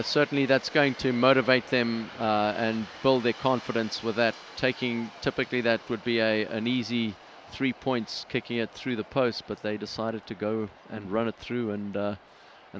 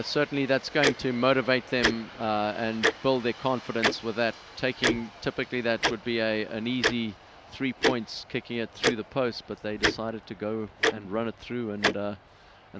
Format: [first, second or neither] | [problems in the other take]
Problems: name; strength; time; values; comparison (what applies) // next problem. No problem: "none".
first | background sound (Tick-tock); 3 dB below the speech